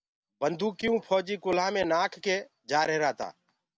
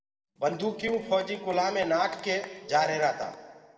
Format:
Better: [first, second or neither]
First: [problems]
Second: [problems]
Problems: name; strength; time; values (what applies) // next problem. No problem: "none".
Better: first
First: none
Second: noise reduction (neural separator model SepFormer DNS4)